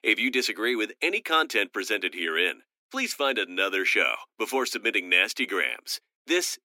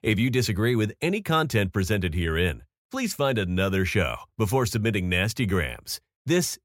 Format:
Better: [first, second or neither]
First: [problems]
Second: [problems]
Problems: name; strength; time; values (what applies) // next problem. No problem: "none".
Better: second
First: thin; somewhat; fading below 250 Hz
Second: none